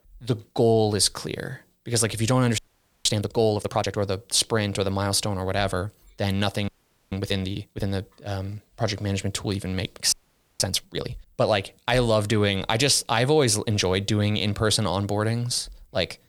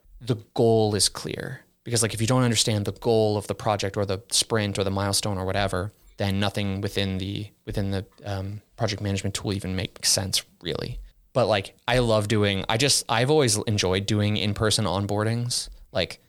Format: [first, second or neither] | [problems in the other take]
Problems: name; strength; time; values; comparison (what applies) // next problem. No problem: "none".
second | audio freezing; at 2.5 s, at 6.5 s and at 10 s